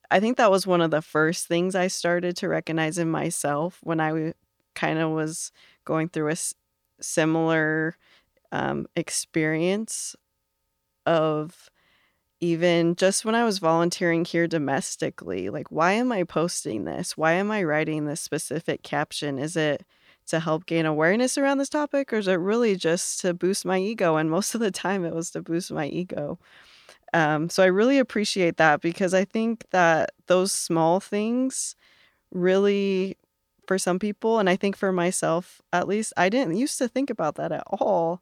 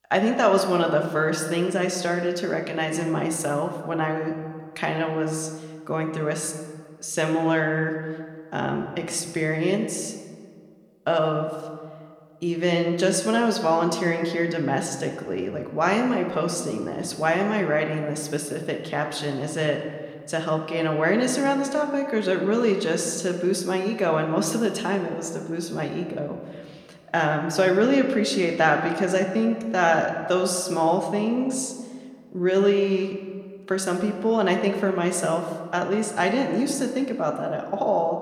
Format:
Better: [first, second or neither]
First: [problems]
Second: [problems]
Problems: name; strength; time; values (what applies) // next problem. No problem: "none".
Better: first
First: none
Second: room echo; slight; dies away in 1.4 s